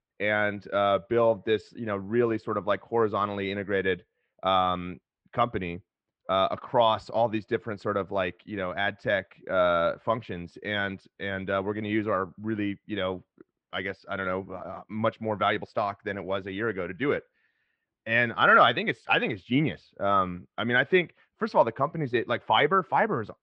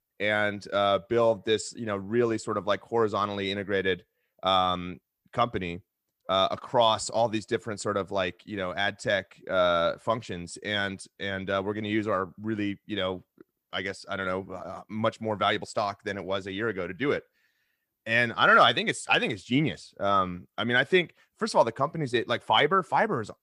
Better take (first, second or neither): second